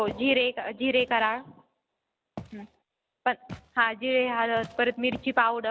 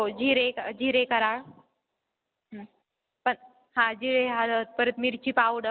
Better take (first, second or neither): second